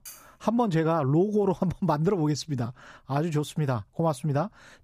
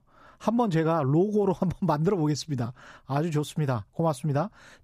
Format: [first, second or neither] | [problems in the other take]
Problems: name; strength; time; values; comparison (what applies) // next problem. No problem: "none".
second | clattering dishes; faint; at the start; peak 20 dB below the speech